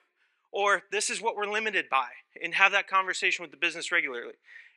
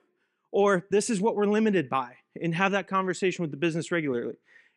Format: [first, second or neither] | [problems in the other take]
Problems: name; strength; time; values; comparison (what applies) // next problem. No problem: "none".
second | thin; very; fading below 750 Hz